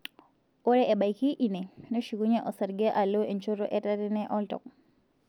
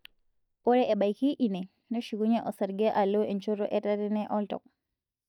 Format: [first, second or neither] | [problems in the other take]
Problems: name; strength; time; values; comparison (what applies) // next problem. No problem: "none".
first | noise reduction (neural mask model DeepFilterNet 3)